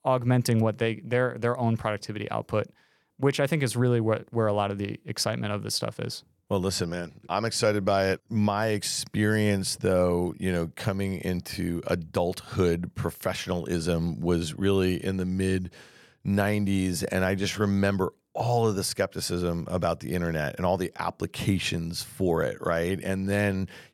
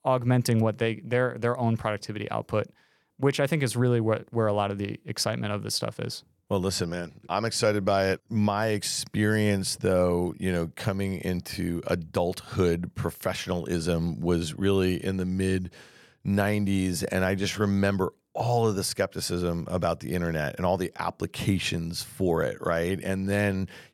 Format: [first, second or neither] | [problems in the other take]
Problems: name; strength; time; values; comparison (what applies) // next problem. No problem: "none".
neither | none